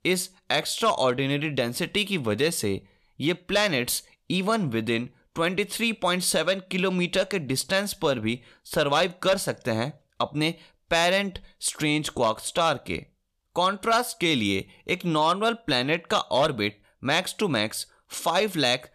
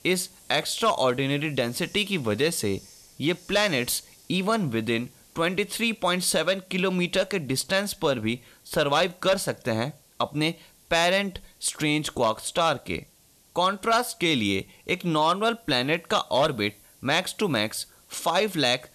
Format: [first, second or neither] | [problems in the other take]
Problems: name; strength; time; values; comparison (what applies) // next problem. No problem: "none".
first | hiss; faint; throughout; 25 dB below the speech